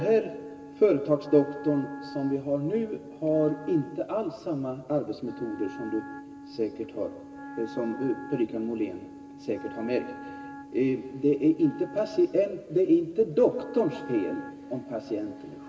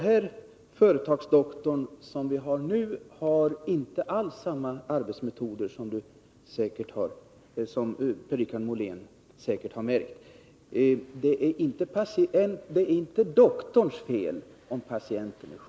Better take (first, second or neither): second